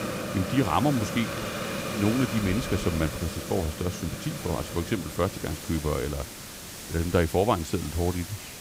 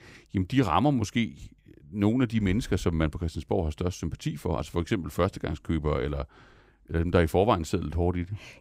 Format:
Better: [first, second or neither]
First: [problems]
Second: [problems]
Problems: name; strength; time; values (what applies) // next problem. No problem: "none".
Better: second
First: hiss; loud; throughout; 6 dB below the speech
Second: none